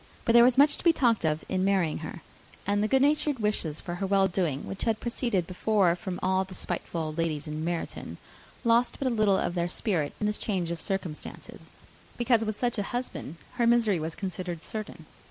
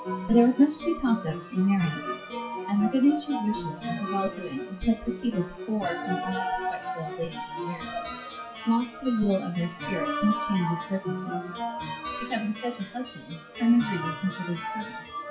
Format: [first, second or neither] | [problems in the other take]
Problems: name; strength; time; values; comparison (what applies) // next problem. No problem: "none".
first | noise reduction (classical method WPE with log-MMSE)